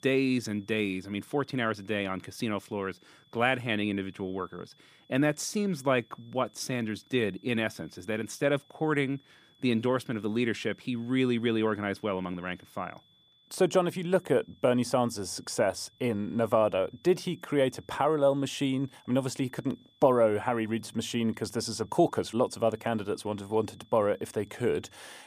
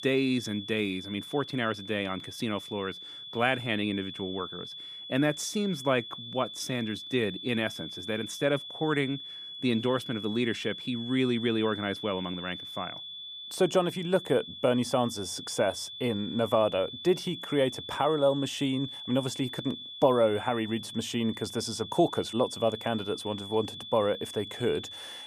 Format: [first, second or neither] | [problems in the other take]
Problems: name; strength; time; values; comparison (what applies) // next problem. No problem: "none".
first | high-pitched whine; loud; throughout; 3.5 kHz, 10 dB below the speech; faint in the first